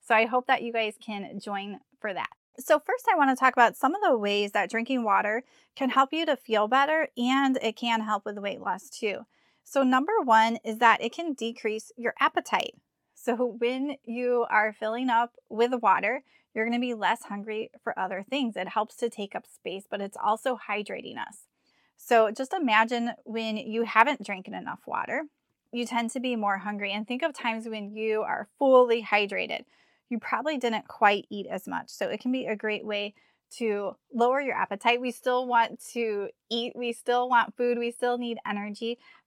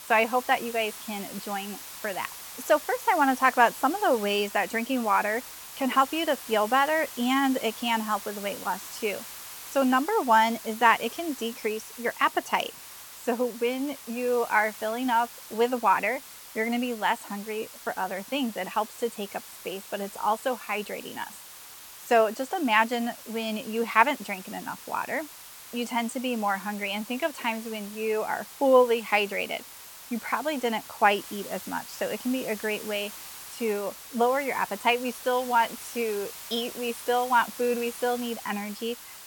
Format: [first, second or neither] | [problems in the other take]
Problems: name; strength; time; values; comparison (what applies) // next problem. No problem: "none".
first | hiss; noticeable; throughout; 15 dB below the speech